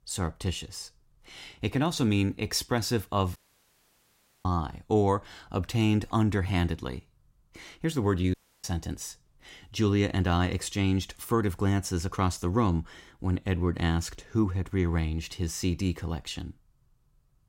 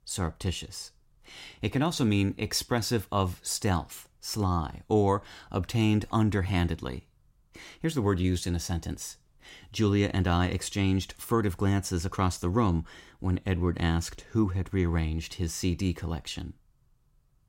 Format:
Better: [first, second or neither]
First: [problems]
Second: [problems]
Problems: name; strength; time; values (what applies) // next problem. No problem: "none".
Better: second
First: audio cutting out; at 3.5 s for 1 s and at 8.5 s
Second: none